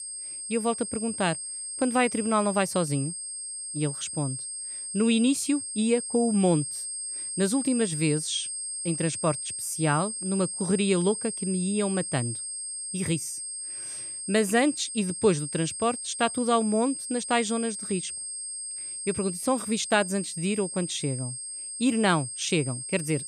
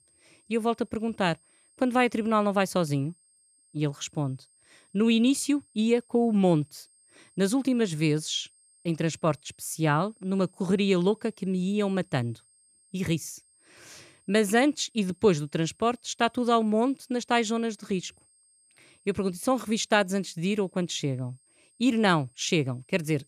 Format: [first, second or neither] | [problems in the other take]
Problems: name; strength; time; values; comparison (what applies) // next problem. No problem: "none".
second | high-pitched whine; loud; throughout; 8.5 kHz, 5 dB below the speech; faint in the second